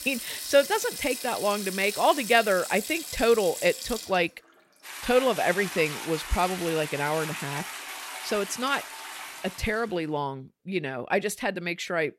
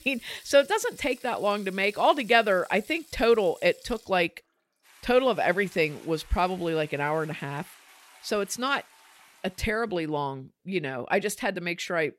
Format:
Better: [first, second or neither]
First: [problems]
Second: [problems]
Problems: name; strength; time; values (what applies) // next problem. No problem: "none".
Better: second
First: household noises; loud; until 9.5 s; 9 dB below the speech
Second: household noises; faint; until 9.5 s; 25 dB below the speech